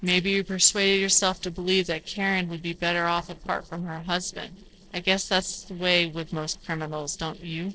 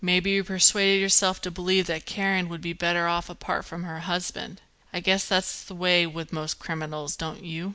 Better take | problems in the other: second | noise reduction (neural separator model SepFormer DNS4)

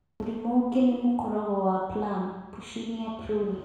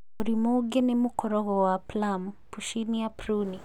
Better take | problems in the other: second | room echo; dies away in 1.1 s

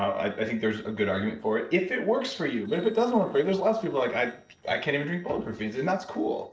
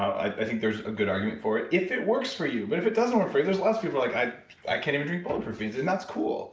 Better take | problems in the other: second | noise reduction (neural separator model SepFormer DNS4)

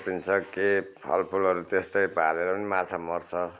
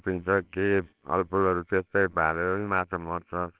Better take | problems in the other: first | noise reduction (neural separator model SepFormer WHAMR!)

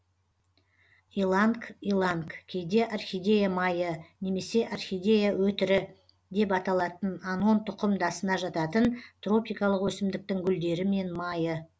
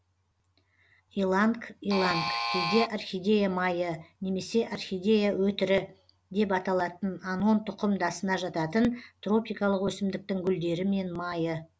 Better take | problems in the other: first | background sound (Alarm); 2 dB below the speech

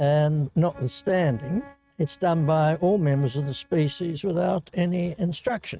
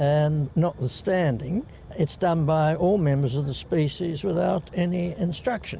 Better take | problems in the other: second | noise reduction (neural mask model RNNoise)

